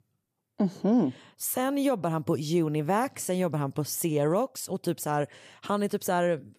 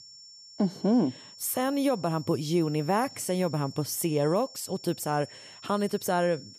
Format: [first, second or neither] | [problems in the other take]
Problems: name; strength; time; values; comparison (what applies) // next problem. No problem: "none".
first | high-pitched whine; noticeable; throughout; 5.5 kHz, 15 dB below the speech